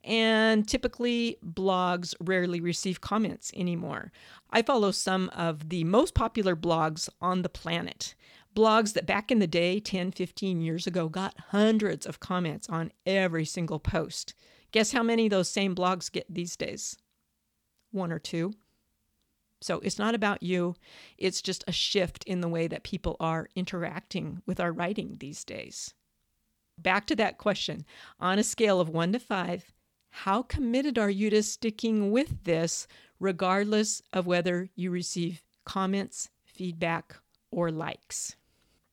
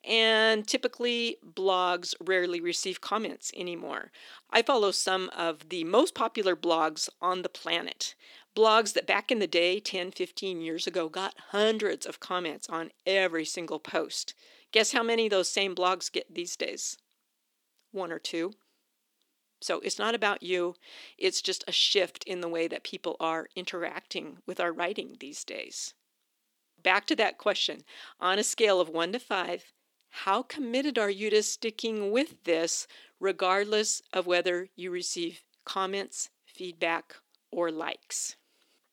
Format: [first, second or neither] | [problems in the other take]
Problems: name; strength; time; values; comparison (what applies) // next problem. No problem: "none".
first | thin; somewhat; fading below 300 Hz